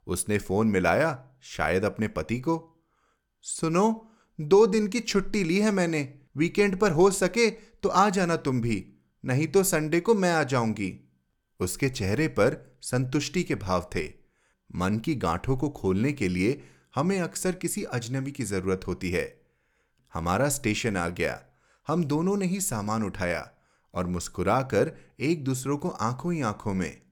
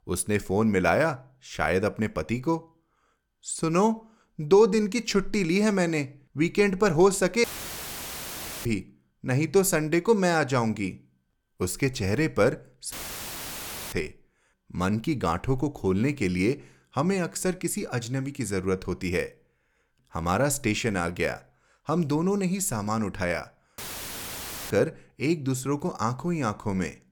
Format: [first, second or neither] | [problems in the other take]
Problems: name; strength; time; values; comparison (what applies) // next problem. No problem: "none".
first | audio cutting out; filled with static; at 7.5 s for 1 s, at 13 s for 1 s and at 24 s for 1 s